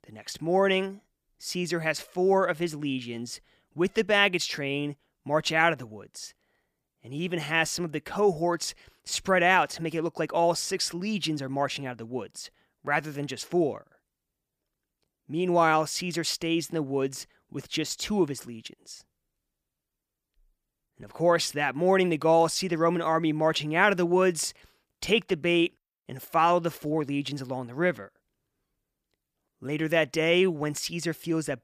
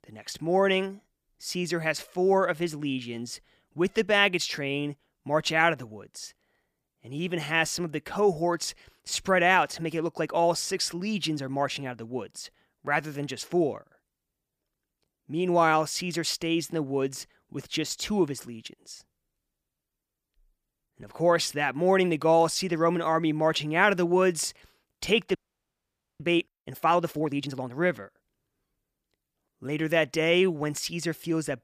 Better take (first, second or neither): first